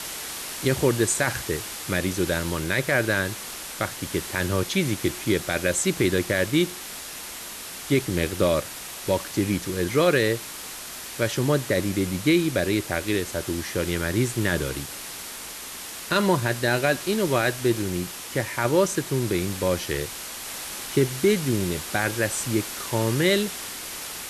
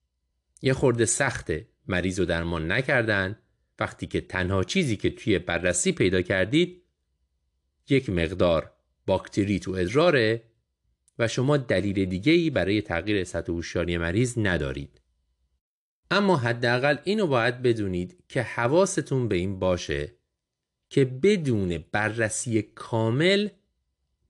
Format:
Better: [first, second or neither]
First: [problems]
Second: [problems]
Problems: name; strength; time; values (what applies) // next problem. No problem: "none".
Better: second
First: hiss; loud; throughout; 9 dB below the speech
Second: none